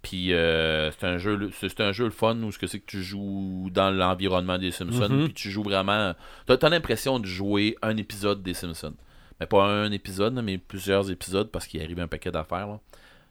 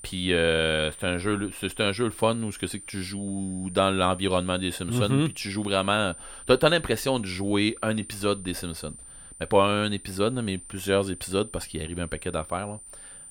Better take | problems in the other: first | high-pitched whine; noticeable; throughout; 9 kHz, 15 dB below the speech

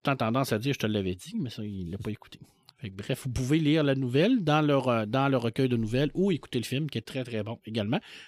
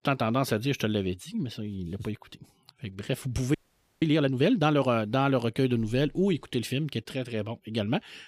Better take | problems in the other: first | audio freezing; at 3.5 s

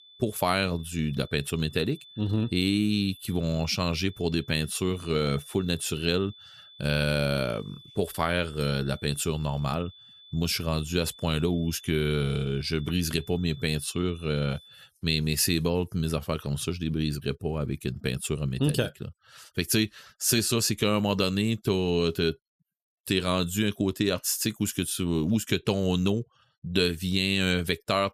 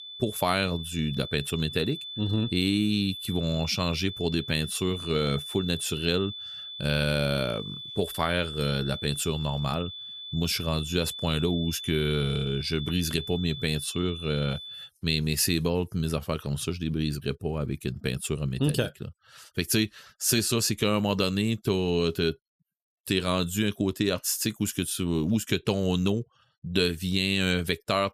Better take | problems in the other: first | high-pitched whine; loud; until 15 s; 3.5 kHz, 9 dB below the speech; faint in the first

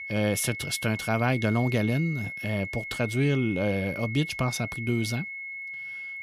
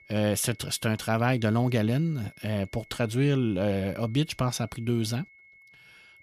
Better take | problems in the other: second | high-pitched whine; loud; throughout; 2 kHz, 7 dB below the speech; faint in the second

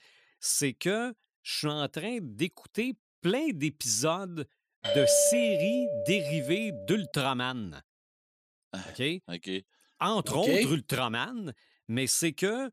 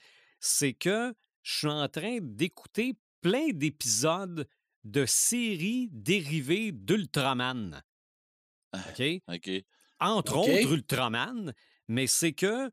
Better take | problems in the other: second | doorbell; loud; from 5 to 7 s; peak 5 dB above the speech

